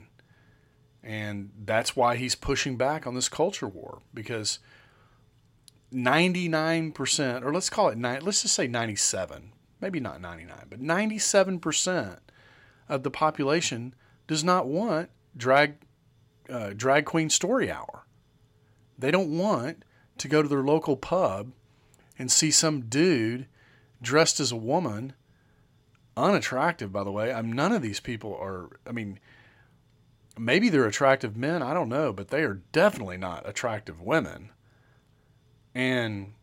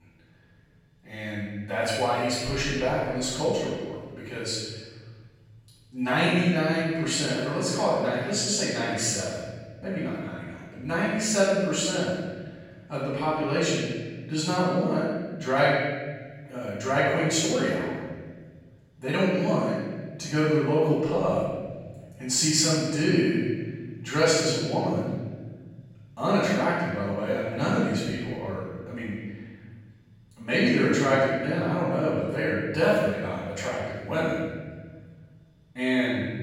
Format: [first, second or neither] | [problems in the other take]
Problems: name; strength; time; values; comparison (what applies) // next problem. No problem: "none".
first | off-mic speech; far // room echo; strong; dies away in 1.6 s